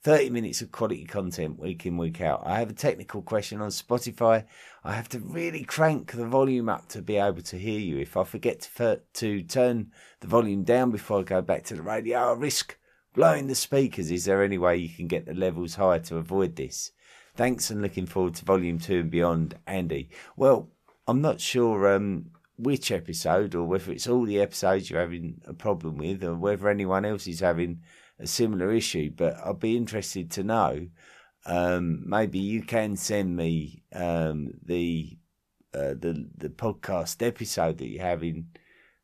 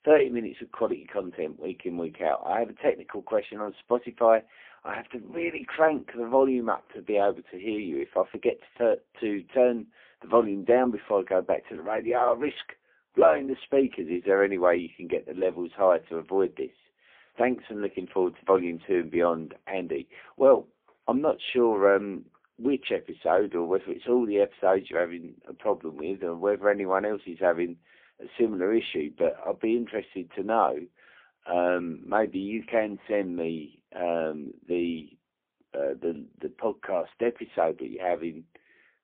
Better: first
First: none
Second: phone-call audio; poor line; nothing above 3.5 kHz

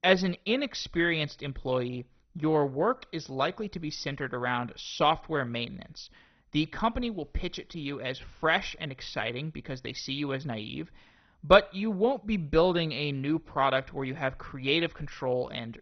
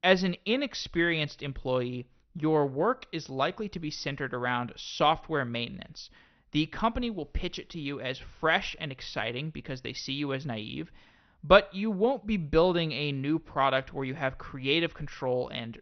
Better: second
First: garbled, watery; badly; nothing above 6 kHz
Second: garbled, watery; slightly; nothing above 6 kHz

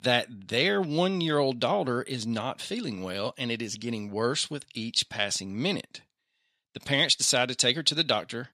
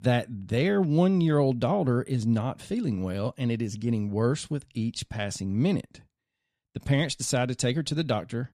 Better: second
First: thin; somewhat; fading below 600 Hz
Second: none

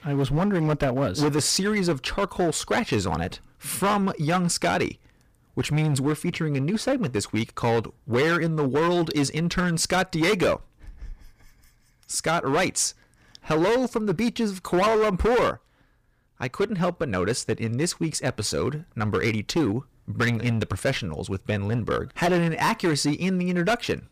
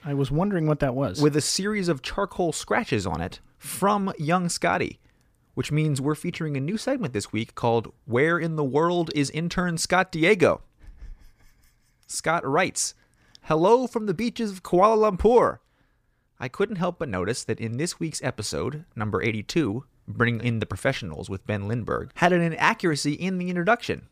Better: second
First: distortion; heavy; 10% of the sound clipped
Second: none

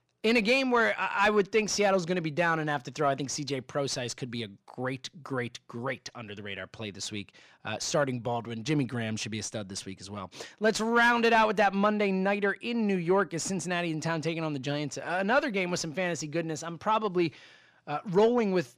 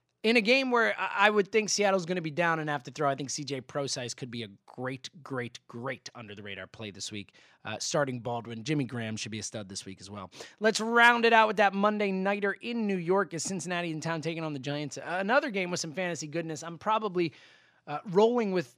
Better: second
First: distortion; slight; 10 dB below the speech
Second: none

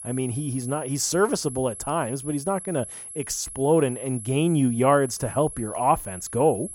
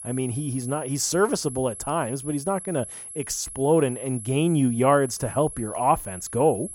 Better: neither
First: high-pitched whine; noticeable; throughout; 11 kHz, 10 dB below the speech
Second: high-pitched whine; noticeable; throughout; 11 kHz, 10 dB below the speech

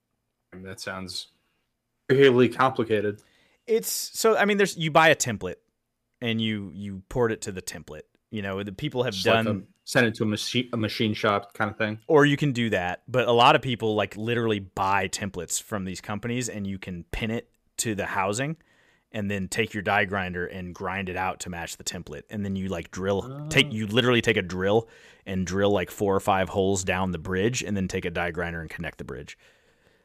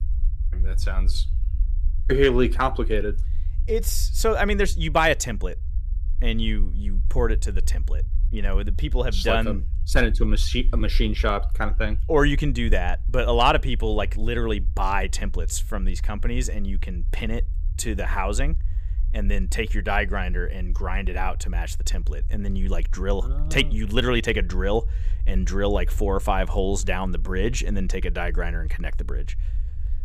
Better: first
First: none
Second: low rumble; faint; throughout; 25 dB below the speech

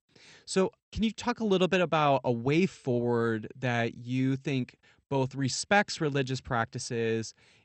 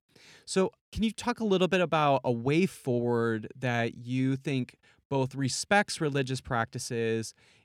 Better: second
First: garbled, watery; slightly; nothing above 8.5 kHz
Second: none

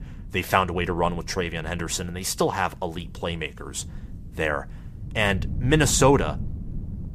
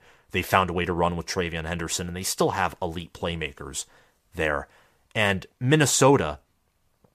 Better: second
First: wind noise on the microphone; occasional gusts; 25 dB below the speech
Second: none

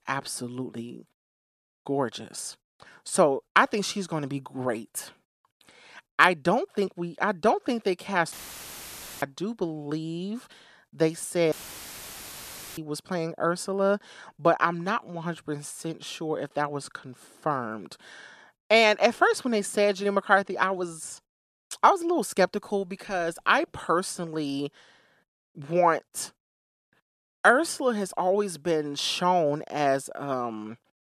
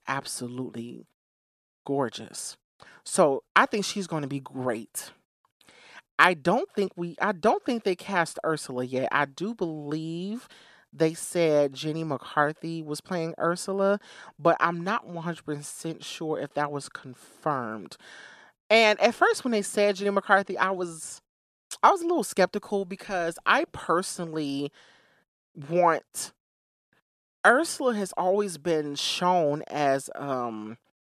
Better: second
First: audio cutting out; filled with static; at 8.5 s for 1 s and at 12 s for 1.5 s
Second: none

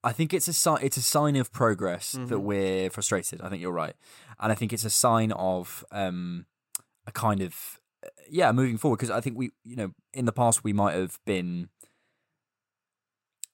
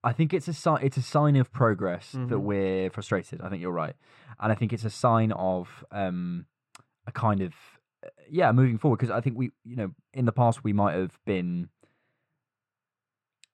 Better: first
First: none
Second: muffled; very; fading above 2.5 kHz

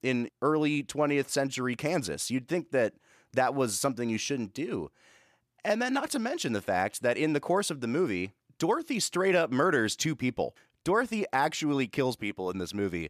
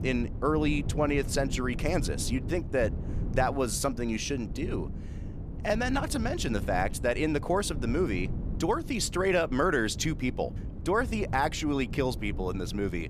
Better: first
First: none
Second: wind noise on the microphone; occasional gusts; 15 dB below the speech

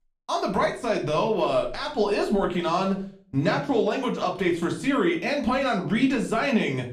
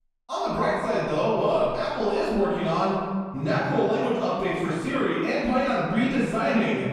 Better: first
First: room echo; slight; dies away in 0.4 s // off-mic speech; far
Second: room echo; strong; dies away in 1.5 s // off-mic speech; far

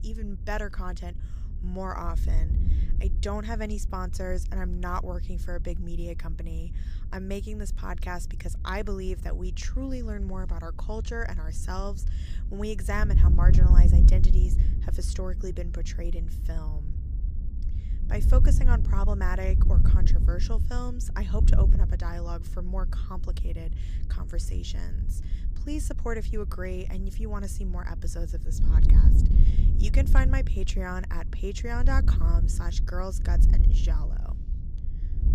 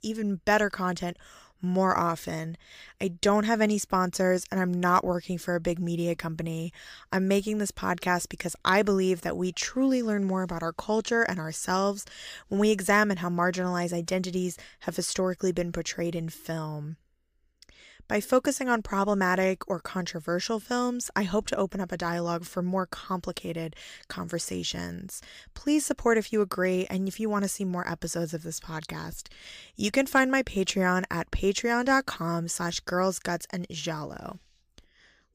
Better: second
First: wind noise on the microphone; heavy; 8 dB below the speech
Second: none

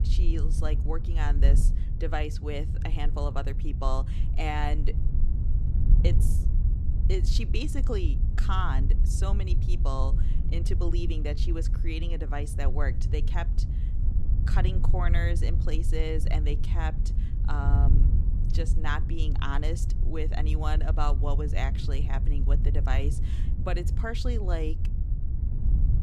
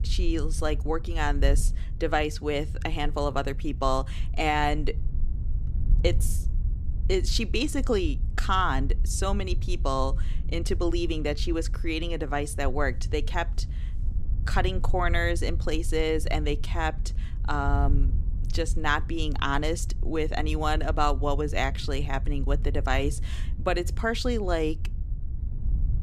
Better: second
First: wind noise on the microphone; heavy; 9 dB below the speech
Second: wind noise on the microphone; occasional gusts; 20 dB below the speech

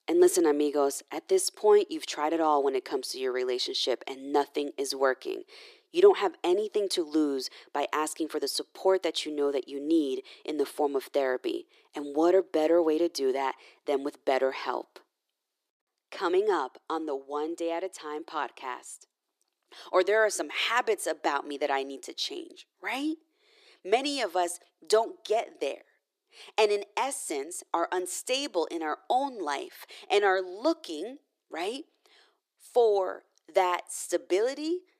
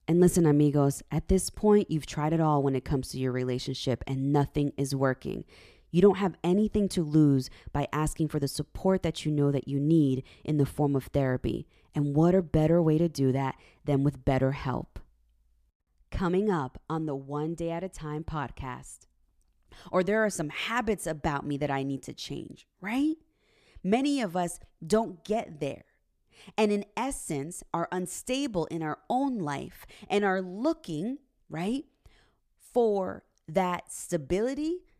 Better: second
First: thin; very; fading below 350 Hz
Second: none

